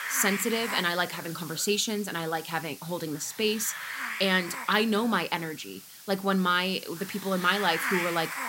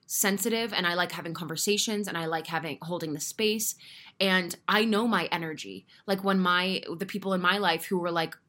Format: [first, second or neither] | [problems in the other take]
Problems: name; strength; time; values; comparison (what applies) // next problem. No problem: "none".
second | hiss; loud; throughout; 8 dB below the speech